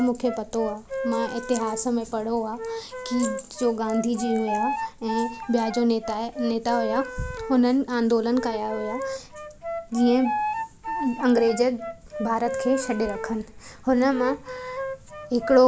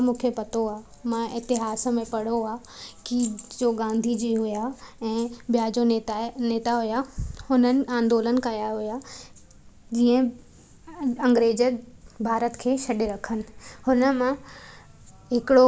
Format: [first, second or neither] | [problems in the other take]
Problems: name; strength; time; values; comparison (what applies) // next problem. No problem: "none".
second | background sound (Wind instrument, woodwind instrument); 8 dB below the speech